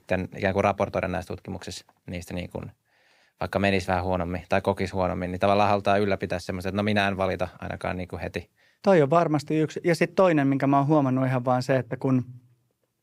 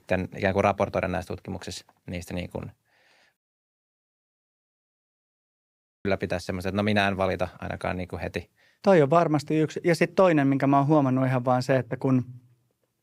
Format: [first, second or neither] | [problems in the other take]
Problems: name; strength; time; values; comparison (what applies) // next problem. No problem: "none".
first | audio cutting out; at 3.5 s for 2.5 s